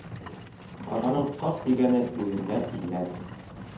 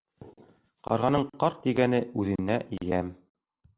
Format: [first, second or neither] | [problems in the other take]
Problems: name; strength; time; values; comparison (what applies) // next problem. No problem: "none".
second | background sound (Livestock, farm animals, working animals); 11 dB below the speech // room echo; dies away in 0.5 s